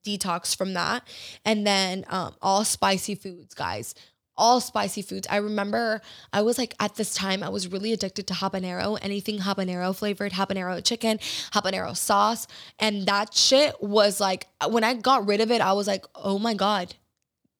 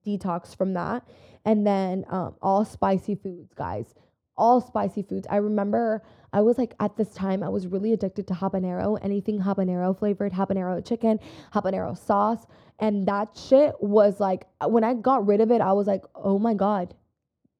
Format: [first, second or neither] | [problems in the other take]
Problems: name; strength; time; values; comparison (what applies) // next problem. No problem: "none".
first | muffled; very; fading above 1.5 kHz